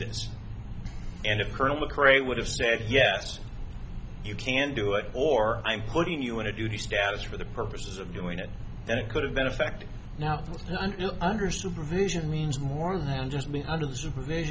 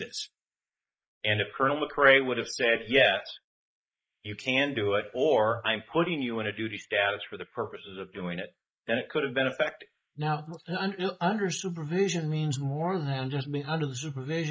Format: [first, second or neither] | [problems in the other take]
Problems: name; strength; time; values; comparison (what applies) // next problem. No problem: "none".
first | noise reduction (neural mask model Resemble Enhance denoiser)